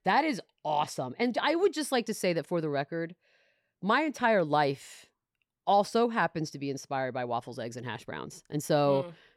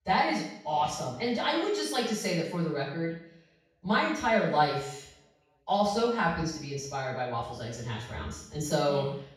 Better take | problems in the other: first | room echo; noticeable; dies away in 0.6 s // off-mic speech; far

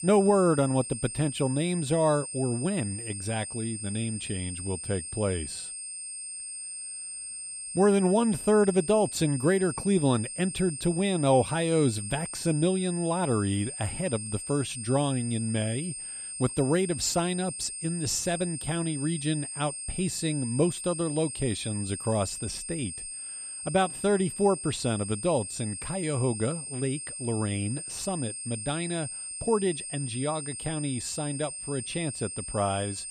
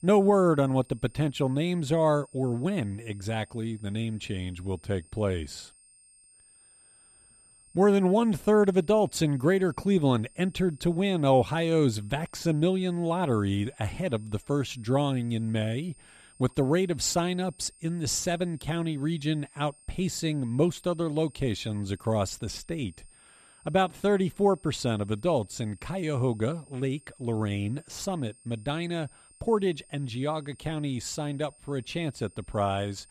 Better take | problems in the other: second | high-pitched whine; loud; throughout; 8.5 kHz, 7 dB below the speech; faint in the second

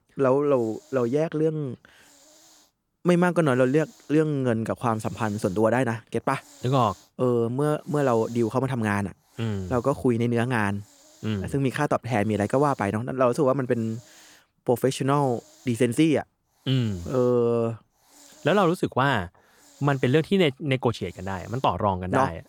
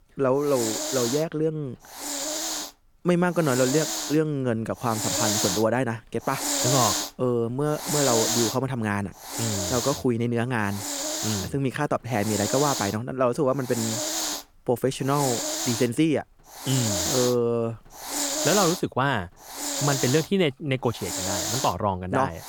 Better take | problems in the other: first | hiss; loud; throughout; 1 dB below the speech; faint in the first

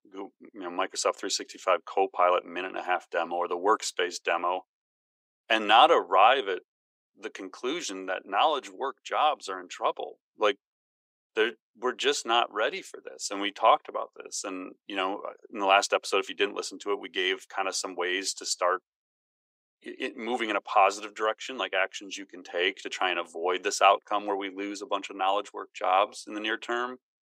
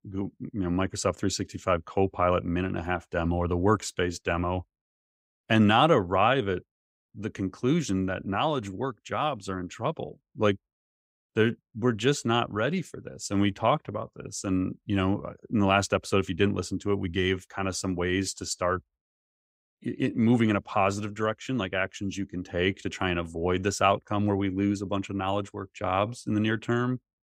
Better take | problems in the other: second | thin; very; fading below 400 Hz

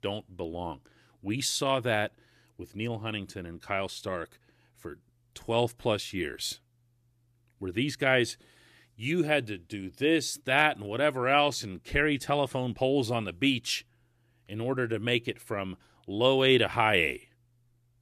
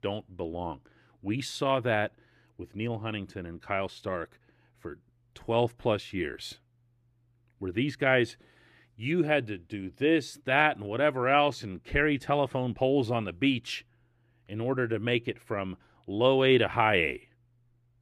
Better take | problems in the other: first | muffled; slightly; fading above 3.5 kHz

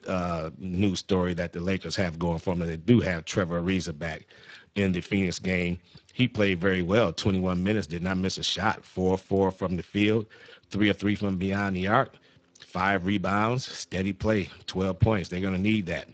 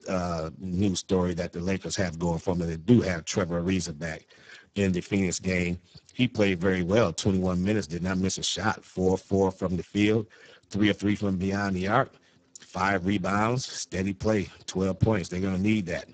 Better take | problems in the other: first | garbled, watery; badly; nothing above 7.5 kHz; slightly in the first

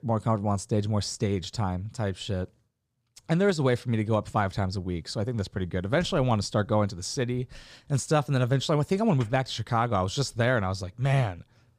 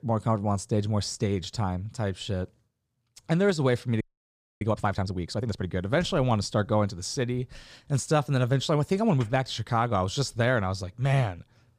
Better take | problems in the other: first | audio freezing; at 4 s for 0.5 s

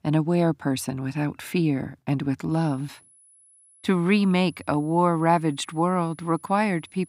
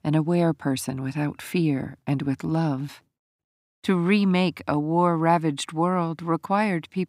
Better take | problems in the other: second | high-pitched whine; faint; from 2.5 s on; 10 kHz, 30 dB below the speech

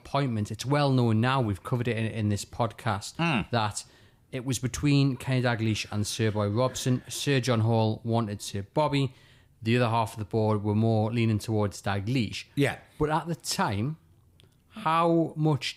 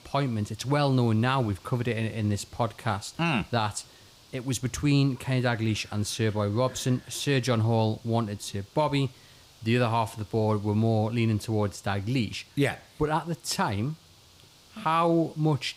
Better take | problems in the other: first | hiss; faint; throughout; 25 dB below the speech

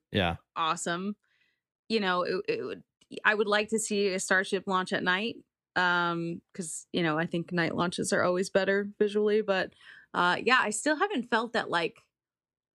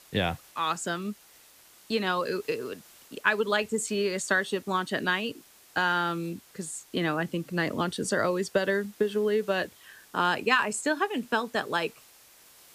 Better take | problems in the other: first | hiss; faint; throughout; 25 dB below the speech

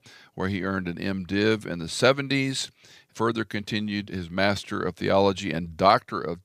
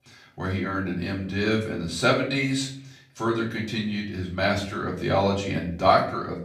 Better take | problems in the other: first | off-mic speech; far // room echo; slight; dies away in 0.5 s

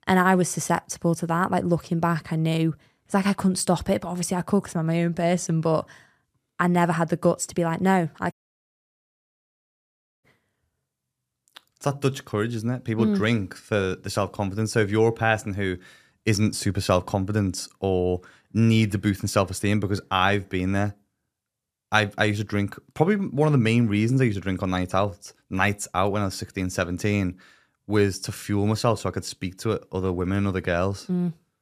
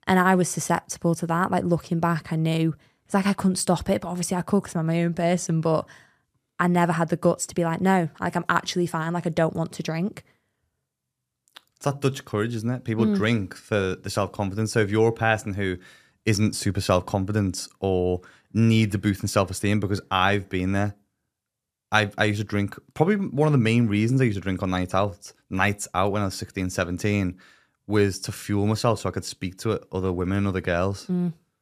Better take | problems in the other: second | audio cutting out; at 8.5 s for 2 s

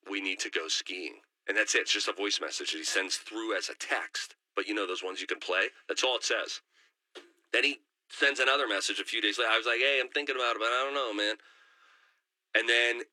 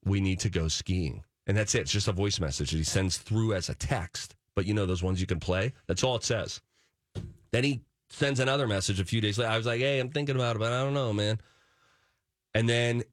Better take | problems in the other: second | thin; very; fading below 300 Hz

